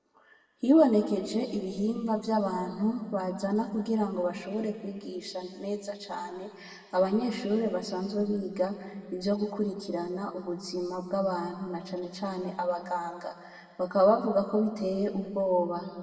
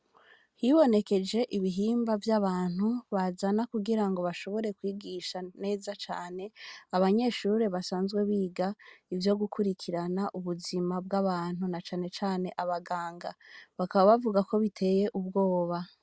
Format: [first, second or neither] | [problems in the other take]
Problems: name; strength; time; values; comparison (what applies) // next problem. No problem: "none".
second | room echo; dies away in 2.1 s